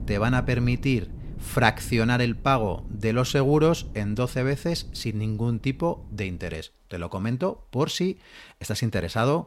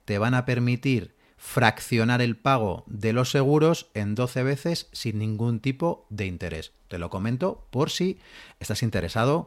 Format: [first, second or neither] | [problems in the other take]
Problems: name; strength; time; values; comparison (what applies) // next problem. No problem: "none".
second | wind noise on the microphone; occasional gusts; until 6.5 s; 25 dB below the speech